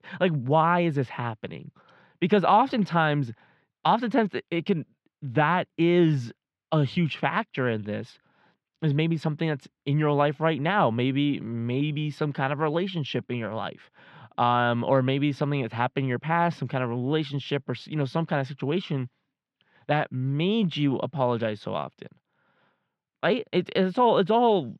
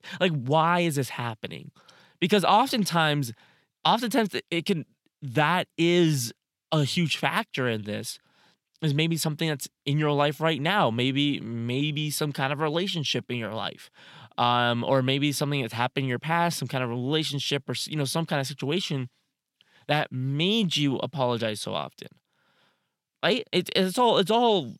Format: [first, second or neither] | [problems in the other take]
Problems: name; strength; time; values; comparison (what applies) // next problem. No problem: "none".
second | muffled; very; fading above 2 kHz